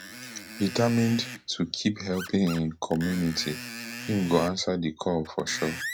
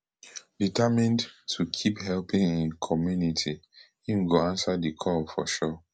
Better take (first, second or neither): second